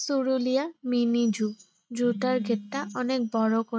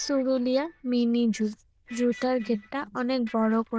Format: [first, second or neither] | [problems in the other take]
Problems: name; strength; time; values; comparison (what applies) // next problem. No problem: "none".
first | noise reduction (neural diffusion model UNIVERSE++)